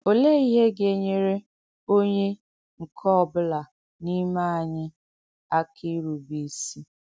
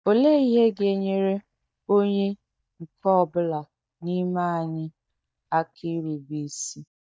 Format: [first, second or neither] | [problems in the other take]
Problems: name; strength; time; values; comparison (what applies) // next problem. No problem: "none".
first | noise reduction (neural mask model DeepFilterNet 3)